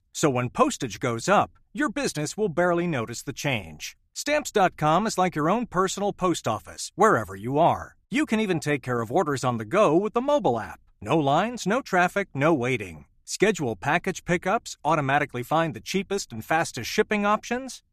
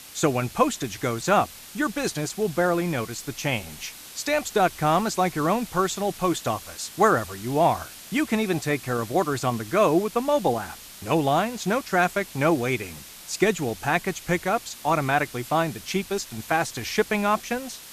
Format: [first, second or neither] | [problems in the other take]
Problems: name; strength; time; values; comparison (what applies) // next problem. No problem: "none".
first | hiss; noticeable; throughout; 15 dB below the speech